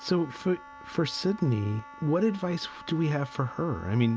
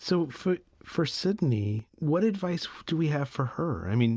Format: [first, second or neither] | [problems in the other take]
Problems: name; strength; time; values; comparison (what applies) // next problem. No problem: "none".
second | background sound (Wind instrument, woodwind instrument); 18 dB below the speech